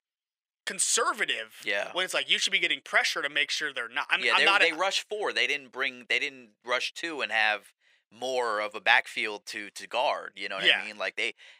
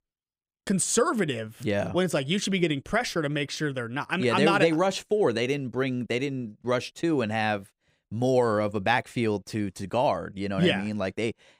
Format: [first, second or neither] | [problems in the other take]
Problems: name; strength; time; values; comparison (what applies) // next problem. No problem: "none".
second | thin; very; fading below 750 Hz